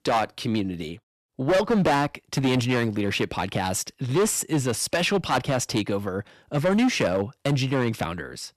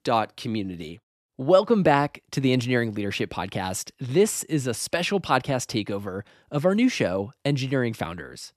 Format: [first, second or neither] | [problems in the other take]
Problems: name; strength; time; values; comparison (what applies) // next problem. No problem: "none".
second | distortion; heavy; 9% of the sound clipped